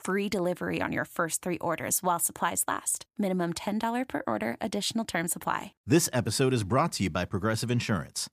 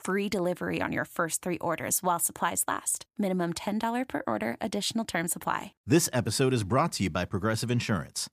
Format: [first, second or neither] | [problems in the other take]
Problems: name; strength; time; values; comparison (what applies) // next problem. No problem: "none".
neither | none